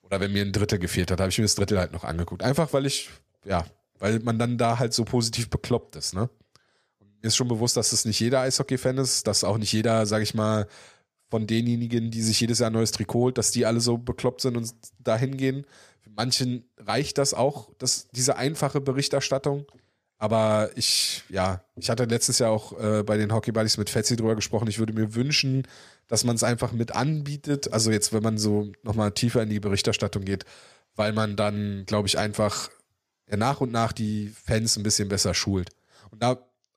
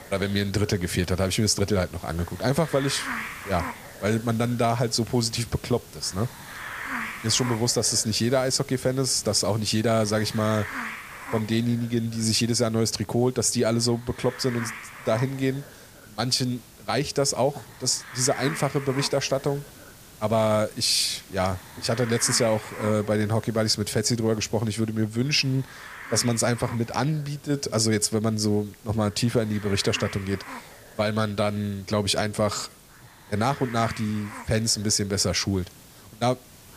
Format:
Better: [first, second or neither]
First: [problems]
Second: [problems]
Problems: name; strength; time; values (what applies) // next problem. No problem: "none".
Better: first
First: none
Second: hiss; noticeable; throughout; 15 dB below the speech